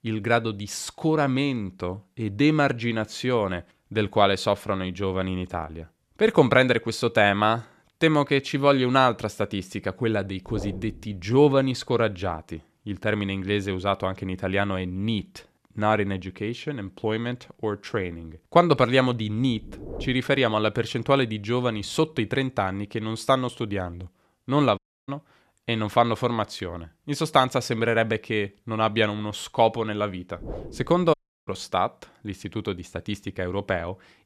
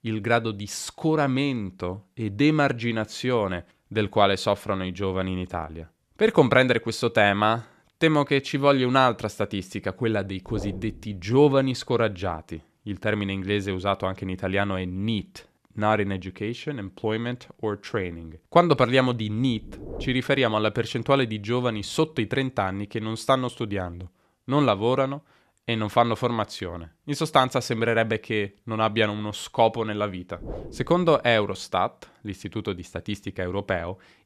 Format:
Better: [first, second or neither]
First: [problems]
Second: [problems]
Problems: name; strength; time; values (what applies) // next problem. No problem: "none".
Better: second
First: audio cutting out; at 25 s and at 31 s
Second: none